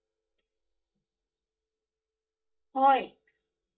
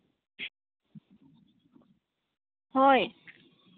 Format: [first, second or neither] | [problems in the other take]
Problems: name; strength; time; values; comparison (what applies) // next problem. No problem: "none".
second | noise reduction (neural mask model DeepFilterNet 3)